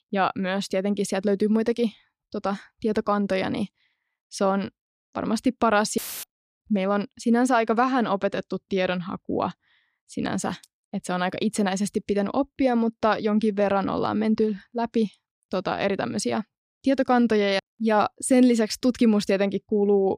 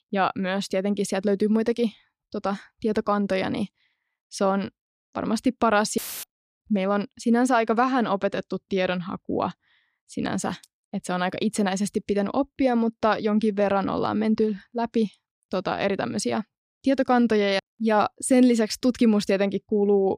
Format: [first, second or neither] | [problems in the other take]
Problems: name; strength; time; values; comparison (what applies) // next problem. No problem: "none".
neither | audio cutting out; filled with static; at 6 s; the same in both